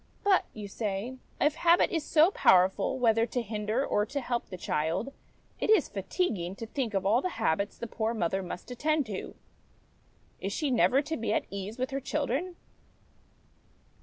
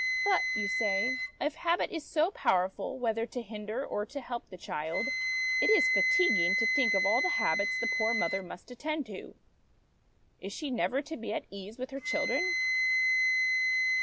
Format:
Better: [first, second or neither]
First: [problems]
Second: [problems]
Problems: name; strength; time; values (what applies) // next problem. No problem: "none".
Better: first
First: none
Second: background sound (Wind instrument, woodwind instrument); 1 dB above the speech